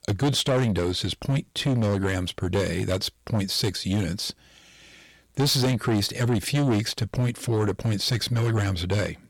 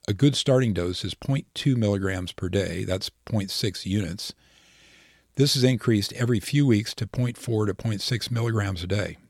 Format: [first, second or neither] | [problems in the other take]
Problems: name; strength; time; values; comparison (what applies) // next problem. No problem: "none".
second | distortion; heavy; 8 dB below the speech